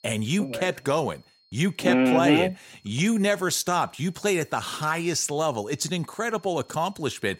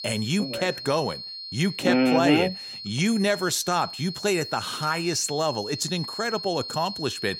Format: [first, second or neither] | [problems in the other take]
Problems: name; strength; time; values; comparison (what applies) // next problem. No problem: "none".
first | high-pitched whine; loud; throughout; 4.5 kHz, 9 dB below the speech; faint in the first